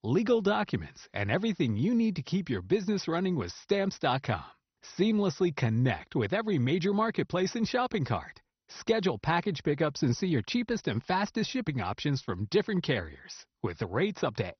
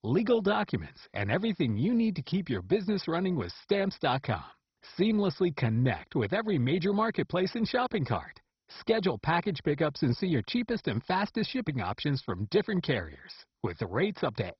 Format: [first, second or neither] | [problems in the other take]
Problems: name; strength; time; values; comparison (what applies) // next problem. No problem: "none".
first | garbled, watery; badly; nothing above 5.5 kHz; slightly in the first